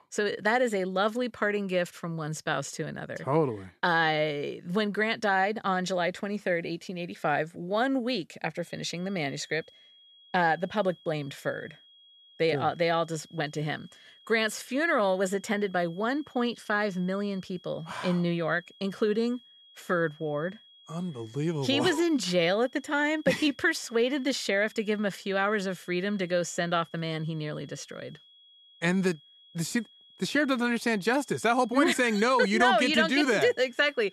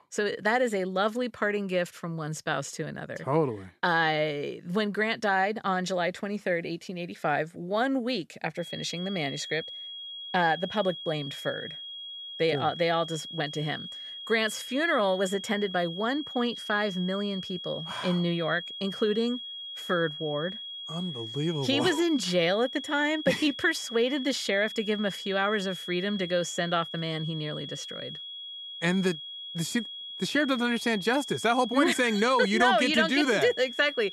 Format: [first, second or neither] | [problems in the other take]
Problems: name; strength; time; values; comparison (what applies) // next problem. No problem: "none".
first | high-pitched whine; loud; from 8.5 s on; 3.5 kHz, 9 dB below the speech; faint in the first